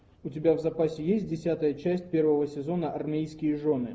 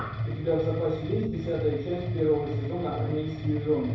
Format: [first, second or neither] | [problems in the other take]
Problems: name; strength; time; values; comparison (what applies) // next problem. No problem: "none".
first | background sound (Mechanisms); 4 dB below the speech // room echo; dies away in 0.7 s